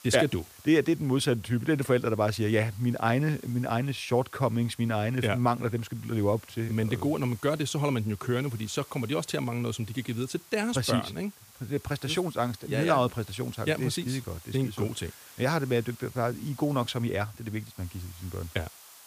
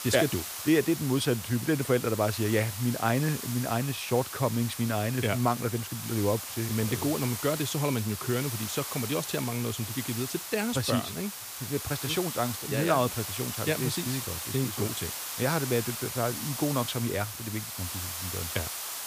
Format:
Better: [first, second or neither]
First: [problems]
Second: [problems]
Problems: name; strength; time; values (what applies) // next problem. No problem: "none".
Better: first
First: hiss; faint; throughout; 20 dB below the speech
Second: hiss; loud; throughout; 5 dB below the speech